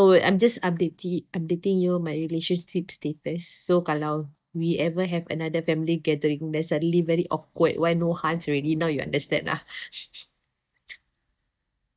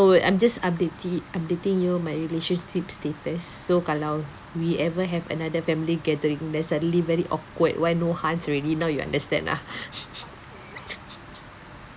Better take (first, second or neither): second